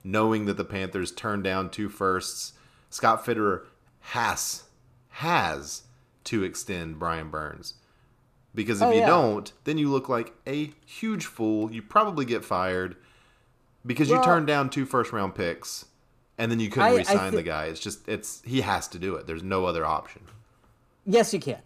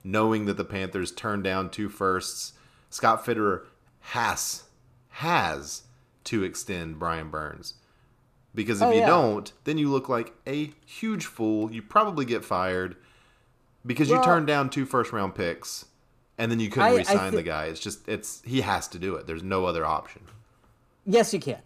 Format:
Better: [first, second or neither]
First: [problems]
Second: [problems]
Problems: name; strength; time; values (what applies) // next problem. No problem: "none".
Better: neither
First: none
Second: none